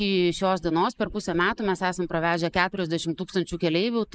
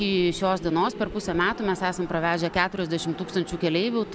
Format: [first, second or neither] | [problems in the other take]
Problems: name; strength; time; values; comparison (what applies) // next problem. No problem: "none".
second | noise reduction (neural mask model Resemble Enhance denoiser)